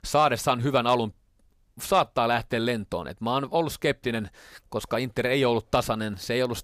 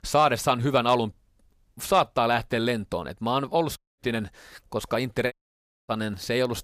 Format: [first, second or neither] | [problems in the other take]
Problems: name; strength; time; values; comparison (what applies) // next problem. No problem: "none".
first | audio cutting out; at 4 s and at 5.5 s for 0.5 s